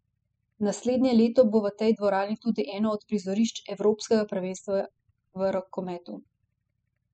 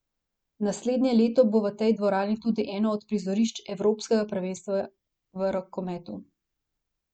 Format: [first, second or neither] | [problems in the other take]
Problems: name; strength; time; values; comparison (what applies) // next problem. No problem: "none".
second | noise reduction (classical method spectral subtraction)